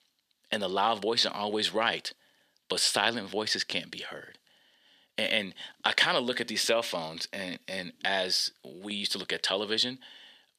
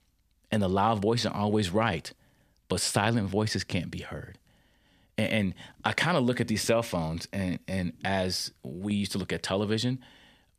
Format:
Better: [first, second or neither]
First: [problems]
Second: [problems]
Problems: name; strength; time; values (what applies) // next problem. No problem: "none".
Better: second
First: thin; somewhat; fading below 350 Hz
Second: none